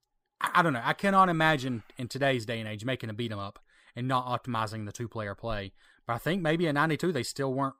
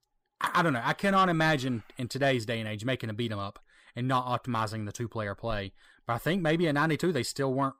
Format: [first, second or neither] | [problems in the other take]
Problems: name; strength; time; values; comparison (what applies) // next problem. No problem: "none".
first | distortion; slight; 10 dB below the speech